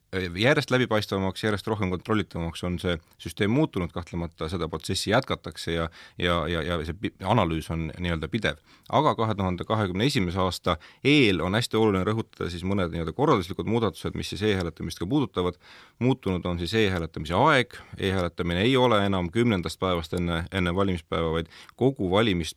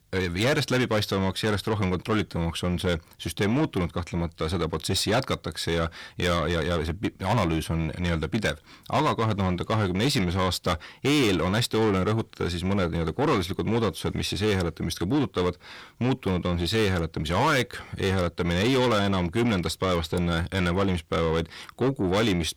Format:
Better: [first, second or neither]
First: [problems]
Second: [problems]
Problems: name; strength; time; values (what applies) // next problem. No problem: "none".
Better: first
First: none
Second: distortion; heavy; 8 dB below the speech